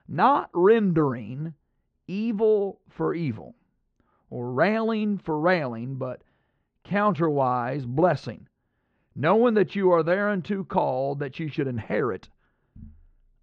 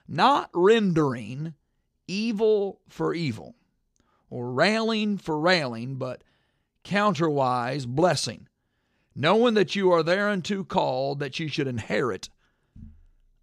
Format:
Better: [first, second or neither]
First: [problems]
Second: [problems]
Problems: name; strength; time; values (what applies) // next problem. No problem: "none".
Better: second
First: muffled; very; fading above 2 kHz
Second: none